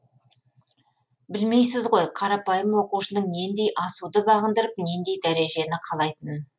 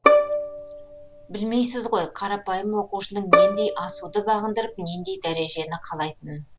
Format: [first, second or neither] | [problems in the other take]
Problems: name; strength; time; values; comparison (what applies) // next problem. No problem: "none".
first | background sound (Bowed string instrument); 2 dB above the speech